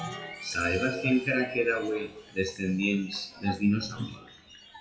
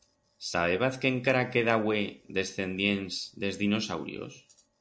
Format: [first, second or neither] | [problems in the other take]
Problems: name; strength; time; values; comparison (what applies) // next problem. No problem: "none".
second | noise reduction (classical method WPE with log-MMSE)